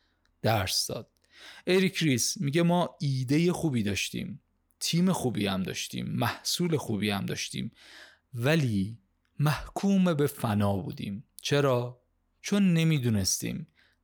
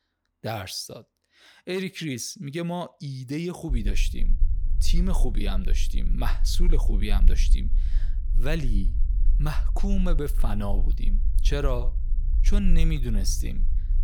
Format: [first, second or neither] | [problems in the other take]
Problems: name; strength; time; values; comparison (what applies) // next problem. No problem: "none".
first | low rumble; noticeable; from 3.5 s on; 15 dB below the speech